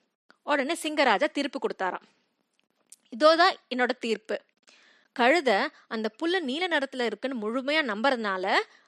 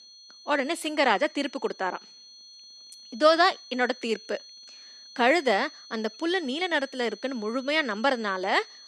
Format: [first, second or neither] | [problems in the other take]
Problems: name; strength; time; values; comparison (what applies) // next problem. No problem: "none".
first | high-pitched whine; noticeable; throughout; 4.5 kHz, 20 dB below the speech